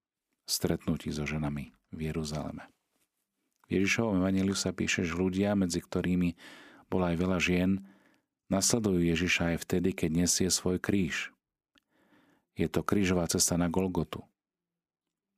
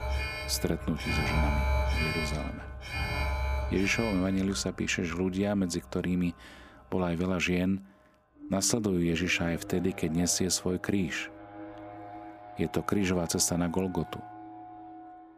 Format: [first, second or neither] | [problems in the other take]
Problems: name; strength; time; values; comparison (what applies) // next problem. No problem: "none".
first | alarms or sirens; loud; throughout; 6 dB below the speech